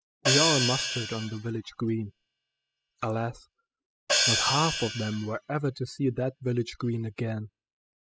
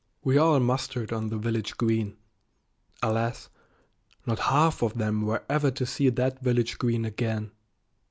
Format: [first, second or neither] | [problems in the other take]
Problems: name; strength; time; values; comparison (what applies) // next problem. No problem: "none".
second | noise reduction (classical method spectral subtraction)